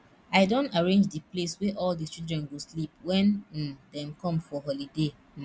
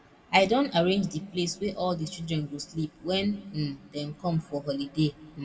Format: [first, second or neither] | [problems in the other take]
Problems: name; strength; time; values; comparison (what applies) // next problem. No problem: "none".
first | room echo; dies away in 0.8 s